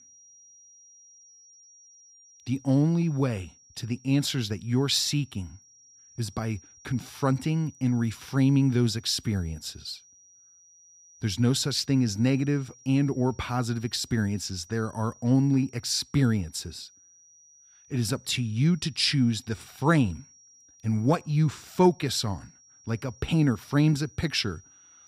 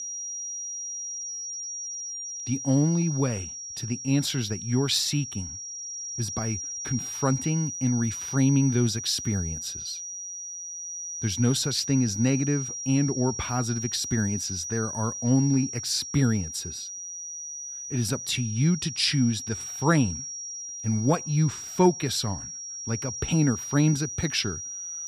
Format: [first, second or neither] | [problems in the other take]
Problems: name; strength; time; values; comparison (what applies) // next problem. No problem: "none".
first | high-pitched whine; loud; throughout; 6 kHz, 7 dB below the speech; faint in the first